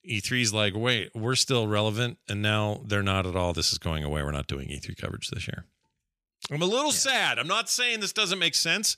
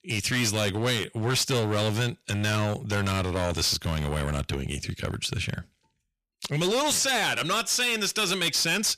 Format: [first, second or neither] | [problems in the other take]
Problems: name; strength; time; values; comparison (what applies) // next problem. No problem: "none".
first | distortion; heavy; 17% of the sound clipped